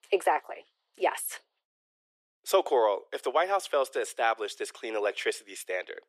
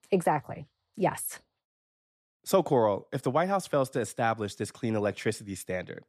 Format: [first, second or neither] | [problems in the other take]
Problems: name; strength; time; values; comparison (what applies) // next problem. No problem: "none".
second | thin; very; fading below 400 Hz